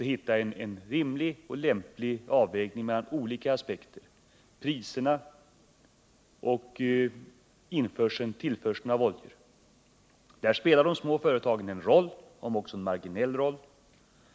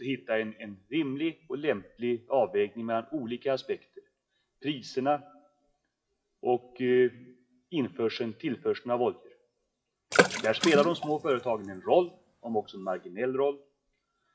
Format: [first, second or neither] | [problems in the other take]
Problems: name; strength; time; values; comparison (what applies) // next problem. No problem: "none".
first | noise reduction (classical method WPE with log-MMSE)